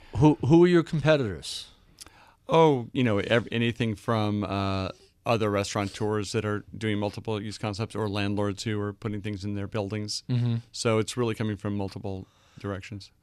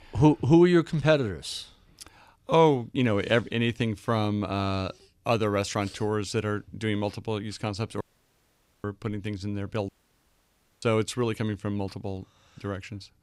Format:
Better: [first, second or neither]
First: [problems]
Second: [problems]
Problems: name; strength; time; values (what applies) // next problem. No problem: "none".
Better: first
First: none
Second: audio cutting out; at 8 s for 1 s and at 10 s for 1 s